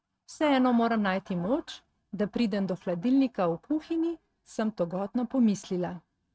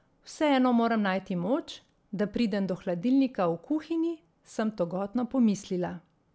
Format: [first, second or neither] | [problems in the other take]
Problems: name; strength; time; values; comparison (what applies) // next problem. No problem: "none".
second | noise reduction (neural mask model RNNoise)